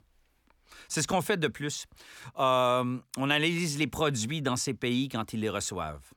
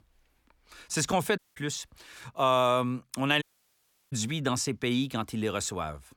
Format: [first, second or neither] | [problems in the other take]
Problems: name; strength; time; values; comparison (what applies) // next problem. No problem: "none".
first | audio cutting out; at 1.5 s and at 3.5 s for 0.5 s